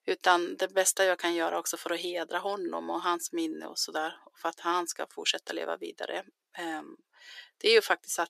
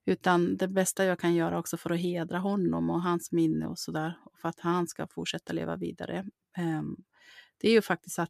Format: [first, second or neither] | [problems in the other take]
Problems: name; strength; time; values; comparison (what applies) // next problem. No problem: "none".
second | thin; very; fading below 400 Hz